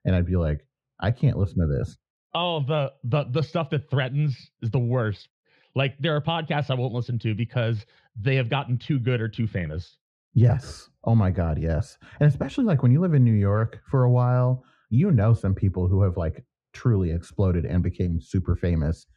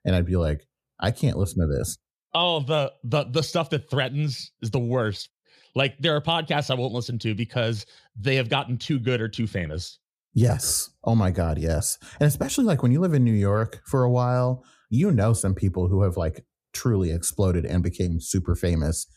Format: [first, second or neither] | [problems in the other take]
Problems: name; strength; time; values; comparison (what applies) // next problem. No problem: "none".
second | muffled; slightly; fading above 2.5 kHz